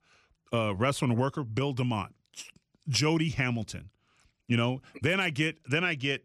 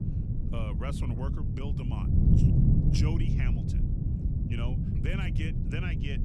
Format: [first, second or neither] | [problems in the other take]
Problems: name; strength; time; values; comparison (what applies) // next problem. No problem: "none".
first | wind noise on the microphone; heavy; 1 dB above the speech